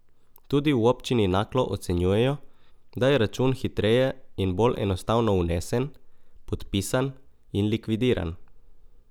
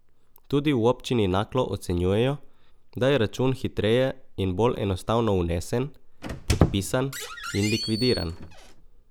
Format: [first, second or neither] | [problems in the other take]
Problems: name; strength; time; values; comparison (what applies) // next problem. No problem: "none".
first | background sound (Squeak); 4 dB below the speech